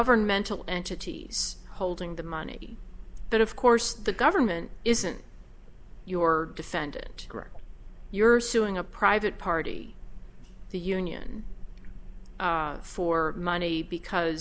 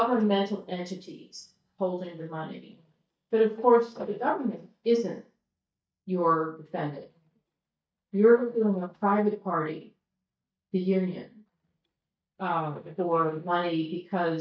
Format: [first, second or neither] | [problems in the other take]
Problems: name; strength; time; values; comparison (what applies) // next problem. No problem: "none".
first | noise reduction (neural mask model DeepFilterNet 3)